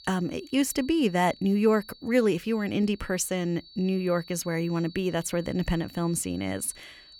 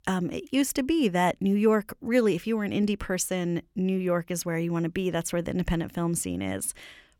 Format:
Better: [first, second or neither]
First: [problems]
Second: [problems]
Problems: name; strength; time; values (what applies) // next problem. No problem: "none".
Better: second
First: high-pitched whine; faint; throughout; 4.5 kHz, 20 dB below the speech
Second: none